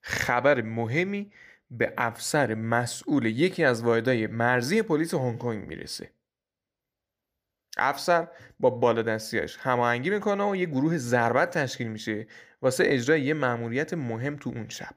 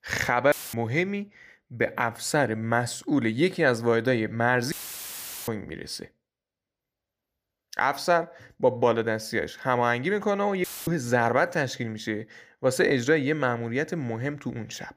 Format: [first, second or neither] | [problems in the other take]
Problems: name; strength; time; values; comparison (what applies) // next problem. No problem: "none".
first | audio cutting out; filled with static; at 0.5 s, at 4.5 s for 1 s and at 11 s